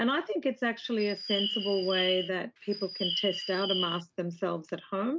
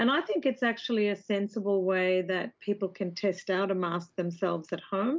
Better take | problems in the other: second | noise reduction (neural mask model RNNoise)

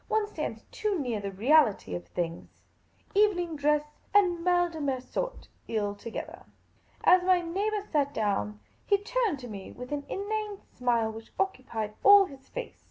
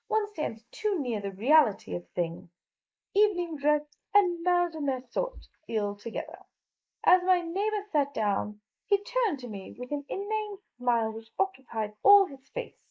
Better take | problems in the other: first | noise reduction (neural mask model Resemble Enhance denoiser)

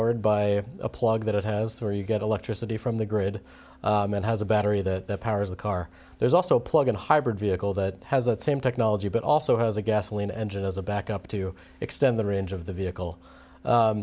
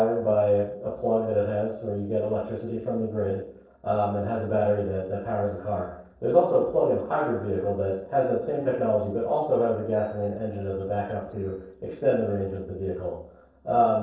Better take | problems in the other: first | noise reduction (neural separator model SepFormer DNS4)

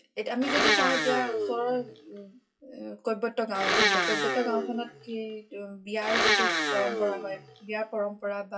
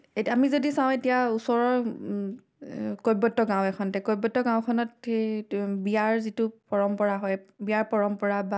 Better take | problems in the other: second | noise reduction (classical method WPE with log-MMSE)

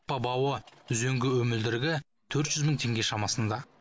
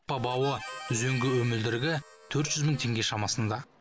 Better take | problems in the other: first | background sound (Harmonica); 14 dB below the speech

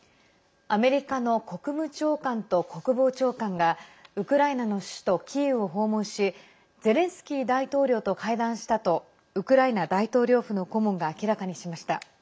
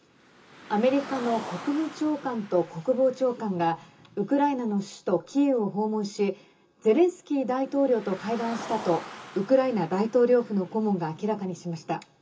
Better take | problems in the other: first | background sound (Car); 18 dB below the speech // room echo; dies away in 0.2 s

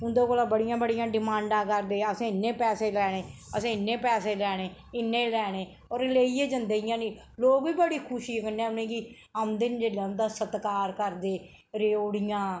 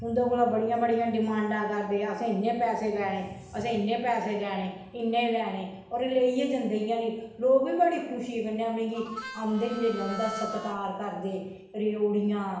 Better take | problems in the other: first | background sound (Harmonica); 11 dB below the speech // room echo; dies away in 0.8 s

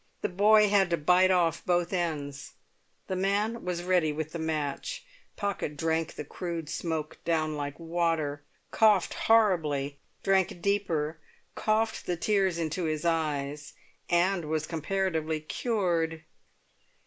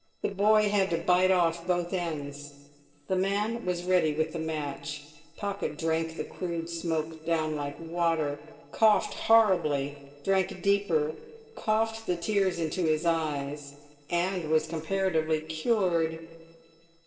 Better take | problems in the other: first | noise reduction (neural separator model SepFormer DNS4)

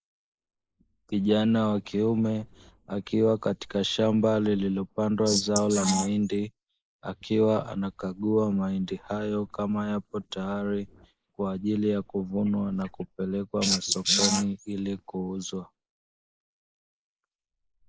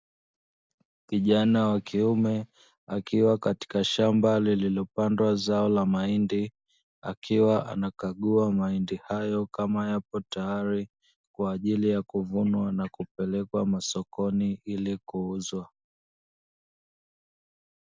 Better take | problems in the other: second | noise reduction (neural mask model Resemble Enhance denoiser)

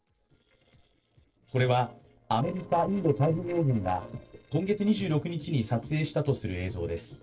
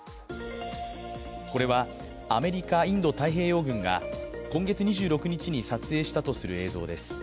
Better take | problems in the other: second | noise reduction (neural separator model SepFormer DNS4)

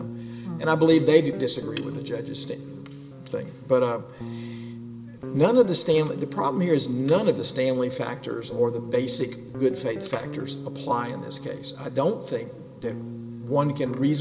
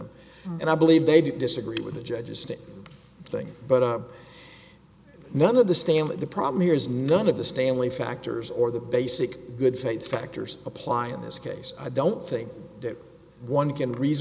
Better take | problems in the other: second | background sound (Guitar); 12 dB below the speech // room echo; dies away in 0.4 s

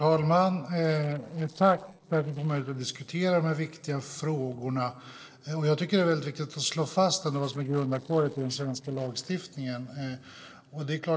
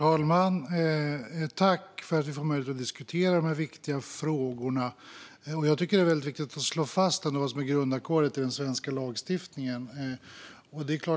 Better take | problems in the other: second | noise reduction (neural separator model SepFormer DNS4)

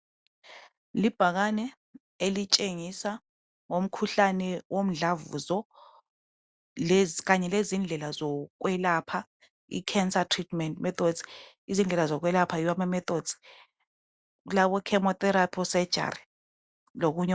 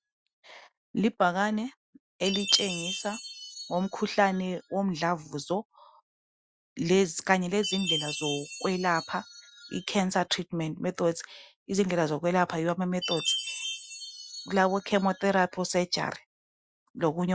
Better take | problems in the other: first | noise reduction (classical method Wiener filter)

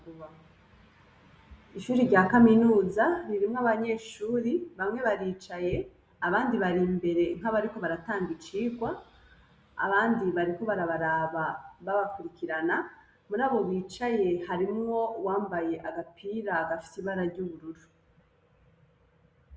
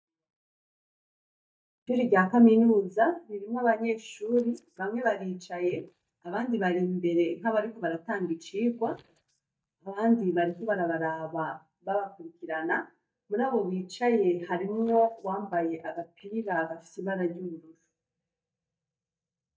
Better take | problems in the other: first | noise reduction (neural mask model DeepFilterNet 3)

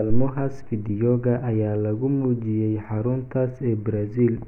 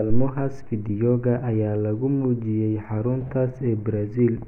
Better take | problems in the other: first | background sound (Drum); 18 dB below the speech

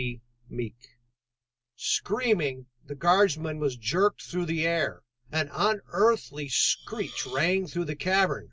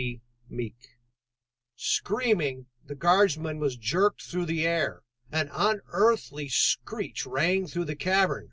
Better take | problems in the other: second | background sound (Hiss); 18 dB below the speech

